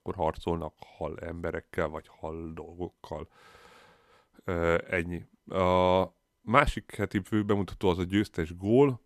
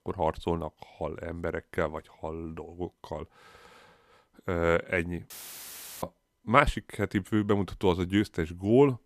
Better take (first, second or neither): first